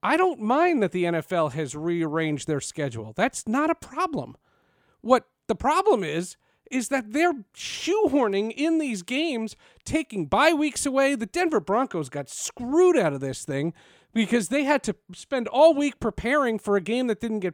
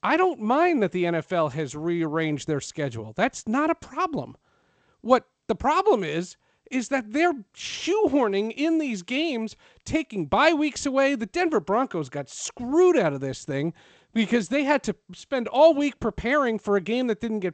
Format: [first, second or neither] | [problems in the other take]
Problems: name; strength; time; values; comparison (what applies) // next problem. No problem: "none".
first | garbled, watery; slightly; nothing above 8 kHz